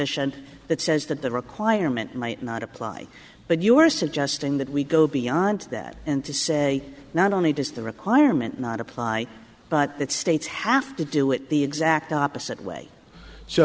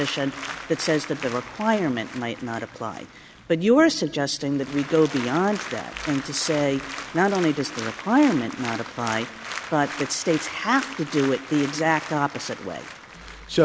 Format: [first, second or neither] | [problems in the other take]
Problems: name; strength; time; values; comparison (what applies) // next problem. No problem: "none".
first | background sound (Applause); 12 dB below the speech